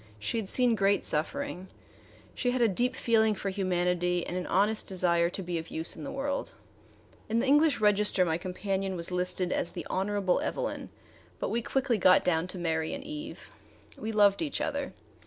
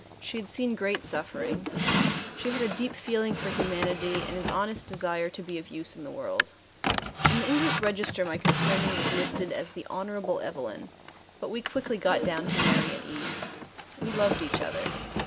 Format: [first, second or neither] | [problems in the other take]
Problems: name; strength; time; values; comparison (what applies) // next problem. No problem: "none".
first | background sound (Drawer open or close); as loud as the speech